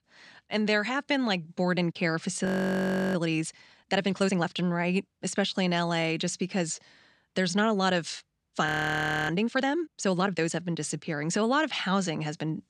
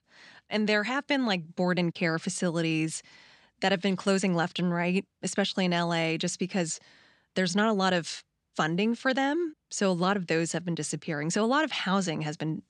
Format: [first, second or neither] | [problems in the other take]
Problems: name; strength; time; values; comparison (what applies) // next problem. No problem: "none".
second | audio freezing; at 2.5 s for 0.5 s and at 8.5 s for 0.5 s